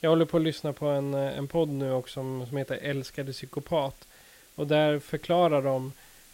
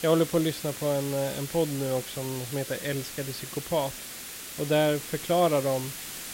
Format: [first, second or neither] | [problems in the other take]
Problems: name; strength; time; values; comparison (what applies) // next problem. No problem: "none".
first | hiss; loud; throughout; 8 dB below the speech; faint in the first